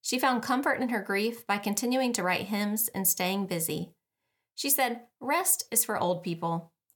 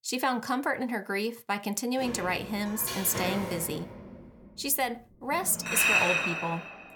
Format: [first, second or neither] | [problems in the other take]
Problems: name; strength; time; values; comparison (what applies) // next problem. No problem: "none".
first | household noises; very loud; from 2 s on; 1 dB above the speech